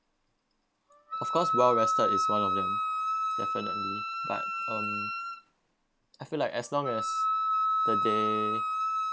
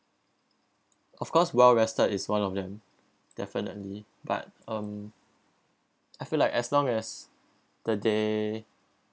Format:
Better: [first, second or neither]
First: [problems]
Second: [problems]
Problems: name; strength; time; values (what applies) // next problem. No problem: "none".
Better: second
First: background sound (Wind instrument, woodwind instrument); 3 dB above the speech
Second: none